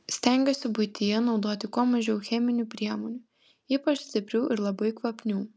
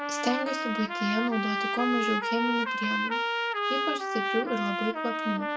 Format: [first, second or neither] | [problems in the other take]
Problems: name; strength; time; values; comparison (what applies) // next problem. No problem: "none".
first | background sound (Trumpet); 1 dB above the speech // room echo; dies away in 0.2 s